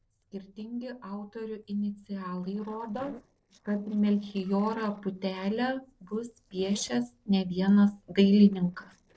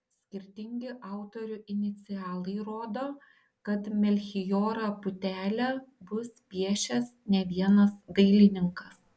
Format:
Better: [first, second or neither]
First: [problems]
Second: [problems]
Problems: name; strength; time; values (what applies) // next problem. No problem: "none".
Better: second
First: noise reduction (neural separator model SepFormer DNS4)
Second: none